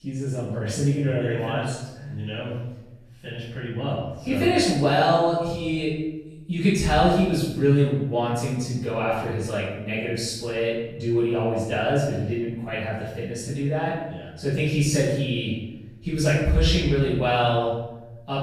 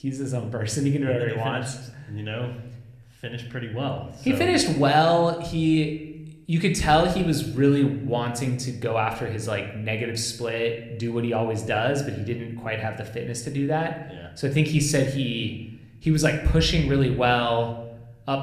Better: second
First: room echo; strong; dies away in 0.9 s // off-mic speech; far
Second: room echo; slight; dies away in 0.7 s

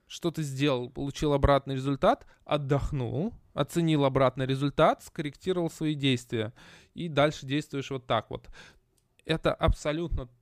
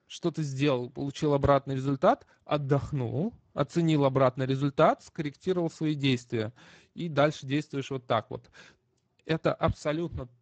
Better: first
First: none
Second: garbled, watery; badly; nothing above 8 kHz

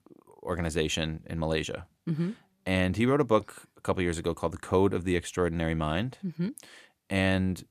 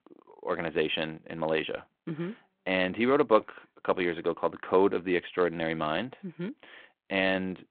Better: first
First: none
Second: phone-call audio

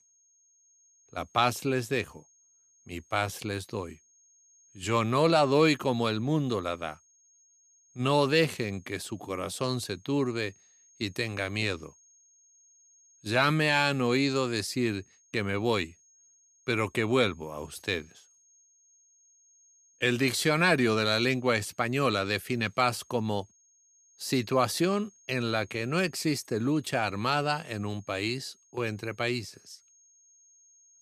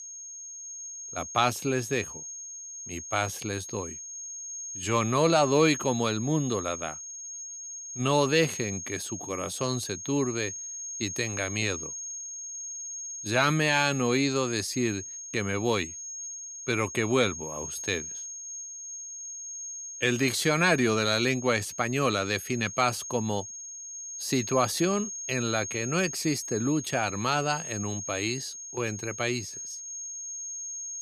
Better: first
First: high-pitched whine; faint; throughout; 6.5 kHz, 30 dB below the speech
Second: high-pitched whine; loud; throughout; 6.5 kHz, 8 dB below the speech

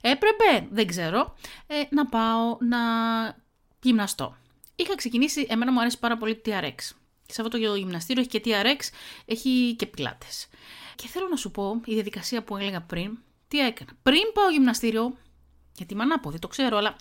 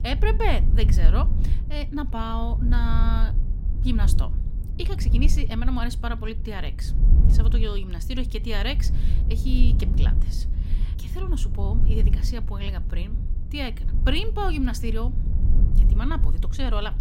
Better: first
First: none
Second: wind noise on the microphone; heavy; 10 dB below the speech

